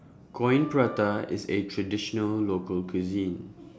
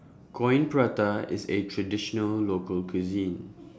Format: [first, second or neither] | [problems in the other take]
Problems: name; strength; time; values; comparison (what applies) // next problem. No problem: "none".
second | background sound (Wind instrument, woodwind instrument); 17 dB below the speech